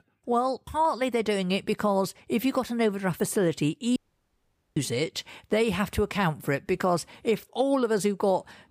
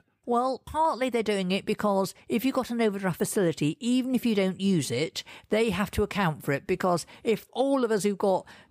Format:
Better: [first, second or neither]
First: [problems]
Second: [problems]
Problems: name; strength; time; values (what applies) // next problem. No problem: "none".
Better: second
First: audio cutting out; at 4 s for 1 s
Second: none